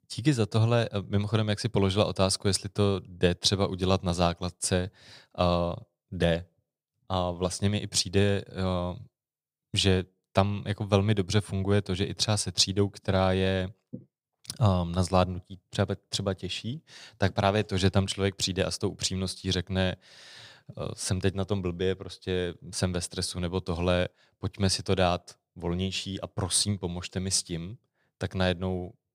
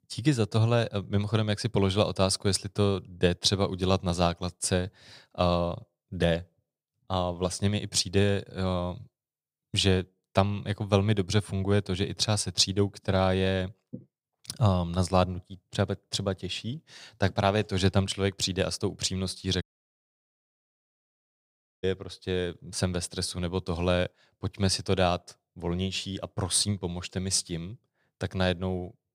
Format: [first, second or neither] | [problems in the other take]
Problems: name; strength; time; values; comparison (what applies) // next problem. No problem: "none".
first | audio cutting out; at 20 s for 2 s